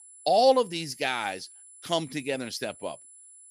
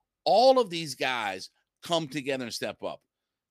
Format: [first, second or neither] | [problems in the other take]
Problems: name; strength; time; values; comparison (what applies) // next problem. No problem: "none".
second | high-pitched whine; faint; throughout; 10 kHz, 20 dB below the speech